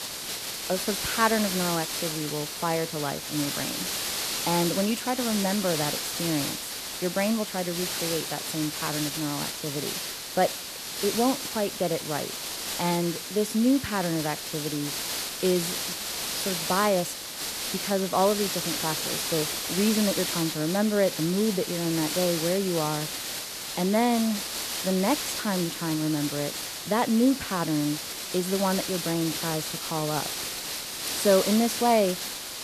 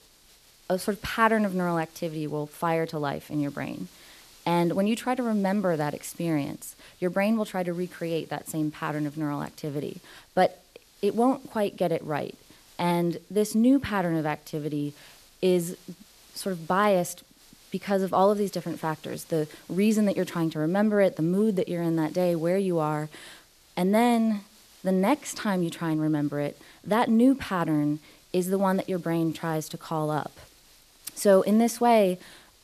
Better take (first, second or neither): second